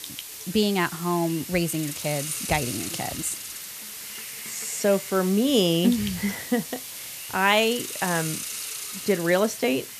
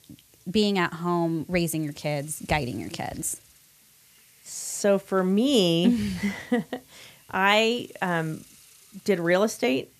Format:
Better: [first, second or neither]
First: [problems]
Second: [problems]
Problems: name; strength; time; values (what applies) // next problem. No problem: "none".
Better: second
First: hiss; loud; throughout; 8 dB below the speech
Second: hiss; faint; throughout; 25 dB below the speech